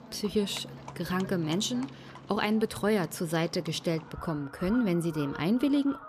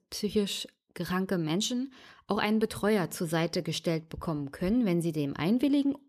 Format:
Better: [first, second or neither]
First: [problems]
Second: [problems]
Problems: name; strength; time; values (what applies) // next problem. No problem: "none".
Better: second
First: animal sounds; noticeable; throughout; 15 dB below the speech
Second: none